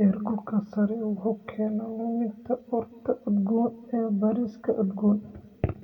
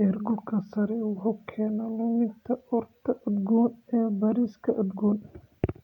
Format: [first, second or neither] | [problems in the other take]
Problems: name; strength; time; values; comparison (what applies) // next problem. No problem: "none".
second | room echo; dies away in 1.1 s